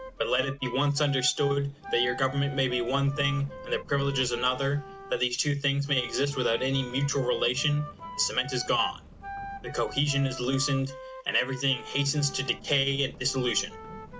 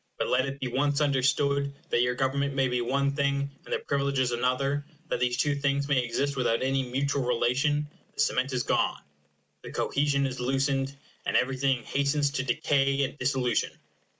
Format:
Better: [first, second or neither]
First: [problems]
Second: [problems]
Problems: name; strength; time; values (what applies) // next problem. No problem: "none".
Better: second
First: background sound (Run + Wind instrument, woodwind instrument); 13 dB below the speech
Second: none